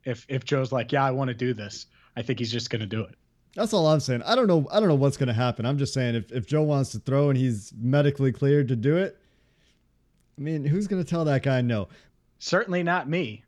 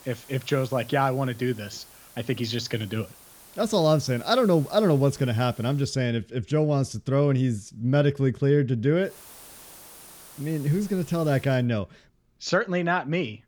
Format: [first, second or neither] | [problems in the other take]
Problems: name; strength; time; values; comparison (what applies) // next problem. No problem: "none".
first | hiss; faint; until 6 s and from 9 to 12 s; 20 dB below the speech